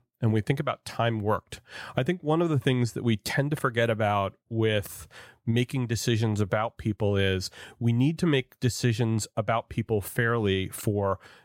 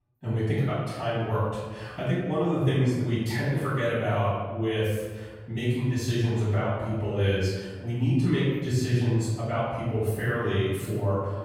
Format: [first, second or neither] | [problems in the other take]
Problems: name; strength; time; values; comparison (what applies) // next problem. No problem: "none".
first | off-mic speech; far // room echo; strong; dies away in 1.3 s